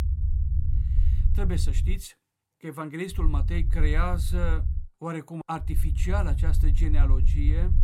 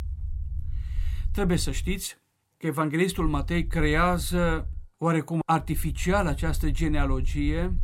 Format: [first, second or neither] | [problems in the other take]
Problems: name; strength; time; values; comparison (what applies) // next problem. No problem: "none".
second | low rumble; loud; until 2 s, from 3 to 5 s and from 5.5 s on; 9 dB below the speech; faint in the second